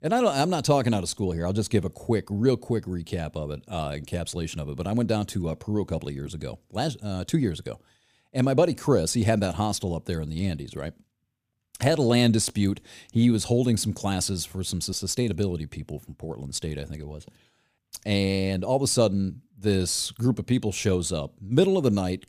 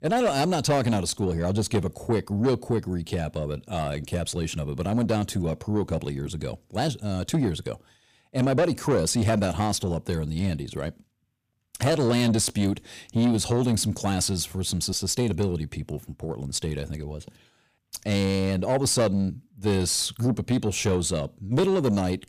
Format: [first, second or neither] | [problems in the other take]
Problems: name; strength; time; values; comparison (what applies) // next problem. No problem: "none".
first | distortion; slight; 10 dB below the speech